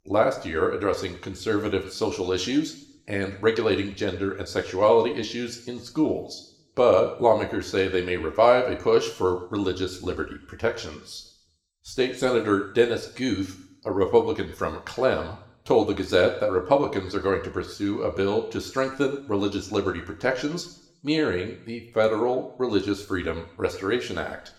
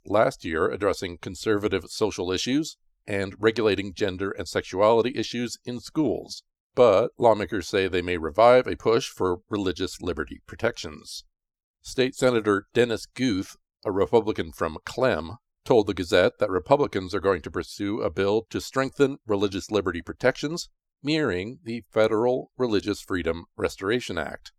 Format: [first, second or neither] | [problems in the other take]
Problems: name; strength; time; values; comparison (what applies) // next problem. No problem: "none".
second | room echo; slight; dies away in 0.7 s